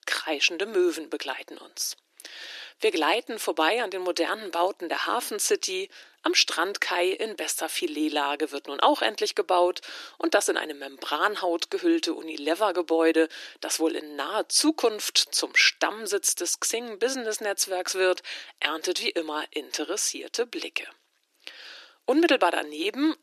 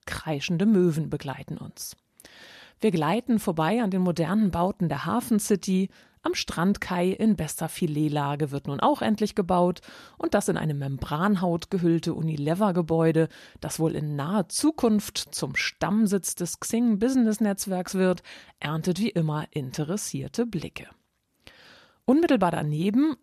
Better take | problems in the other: second | thin; very; fading below 300 Hz

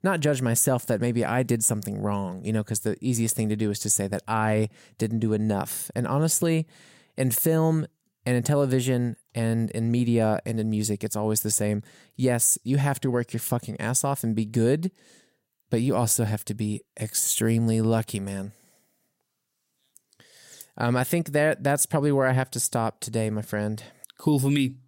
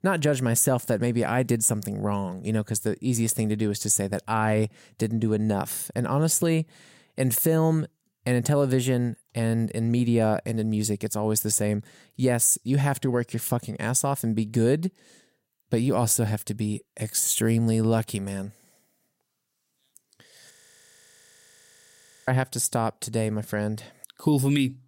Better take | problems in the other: first | audio freezing; at 21 s for 2 s

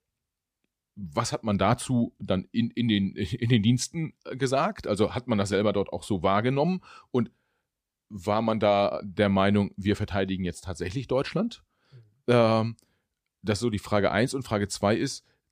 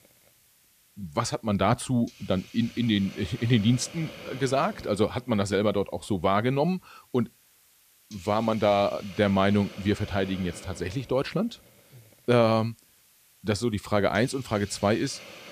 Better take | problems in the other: first | hiss; noticeable; throughout; 20 dB below the speech

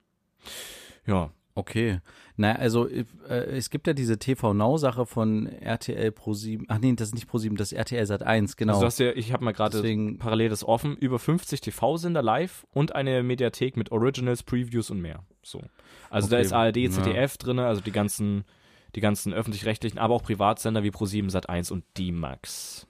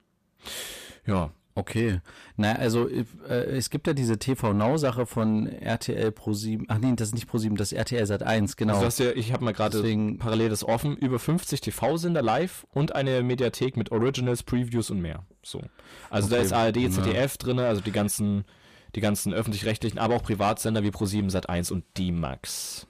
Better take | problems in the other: first | distortion; slight; 10 dB below the speech

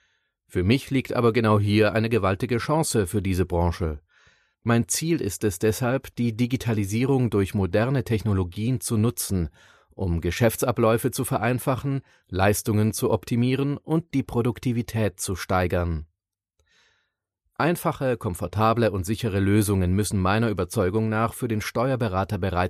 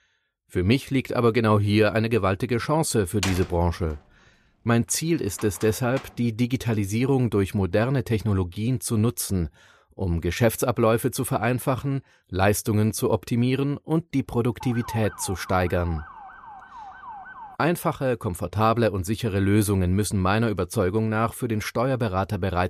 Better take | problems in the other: first | door banging; noticeable; from 3 to 6 s; peak 6 dB below the speech // siren; faint; from 15 to 18 s; peak 15 dB below the speech

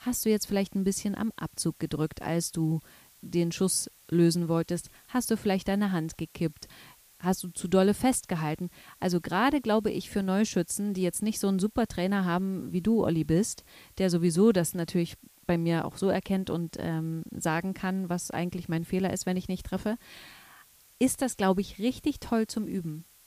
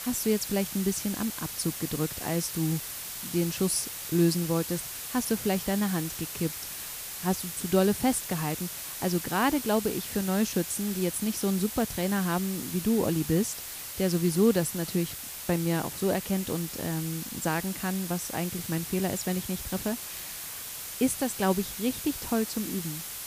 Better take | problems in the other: first | hiss; loud; throughout; 6 dB below the speech; faint in the first

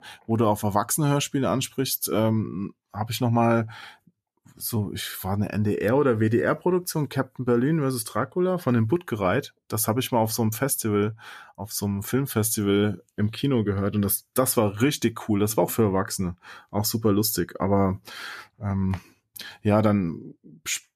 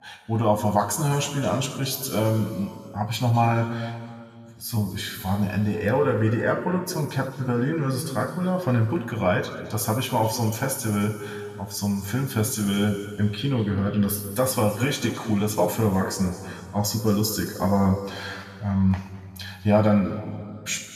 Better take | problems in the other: first | room echo; noticeable; dies away in 2 s // off-mic speech; somewhat distant

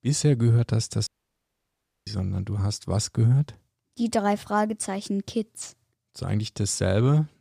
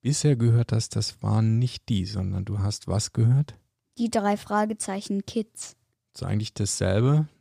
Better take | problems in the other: second | audio cutting out; at 1 s for 1 s

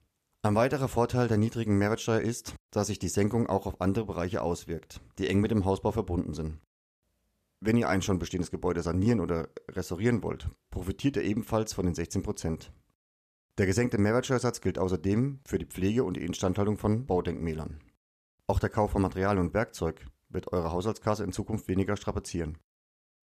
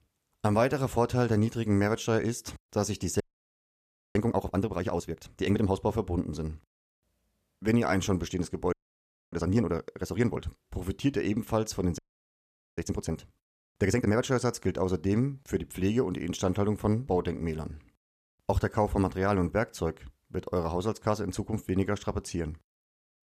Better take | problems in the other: first | audio freezing; at 3 s for 1 s, at 8.5 s for 0.5 s and at 12 s for 1 s

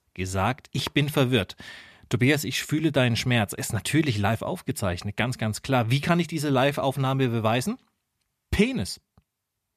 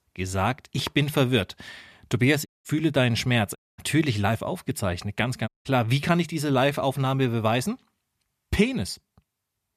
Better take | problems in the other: first | audio cutting out; at 2.5 s, at 3.5 s and at 5.5 s

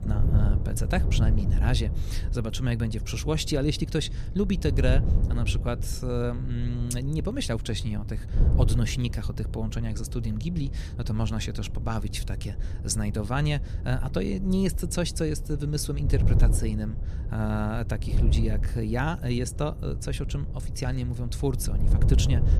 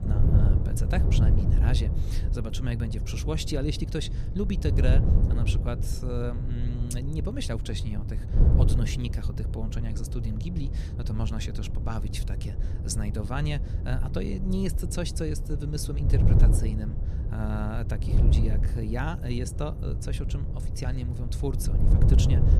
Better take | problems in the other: first | wind noise on the microphone; heavy; 4 dB below the speech; occasional gusts in the first

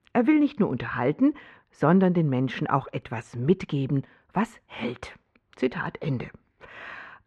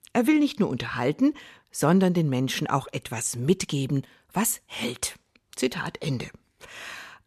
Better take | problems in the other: second | muffled; very; fading above 1.5 kHz

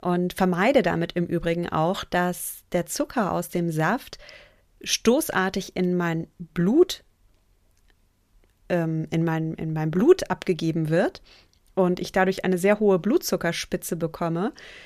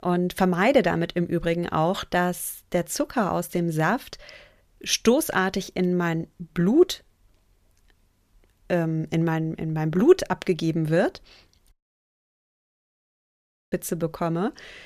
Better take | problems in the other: first | audio cutting out; at 12 s for 2 s

